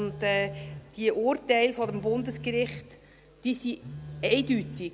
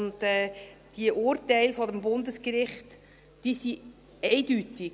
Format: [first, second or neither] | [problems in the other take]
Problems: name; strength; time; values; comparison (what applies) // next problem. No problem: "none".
second | background sound (Telephone); 13 dB below the speech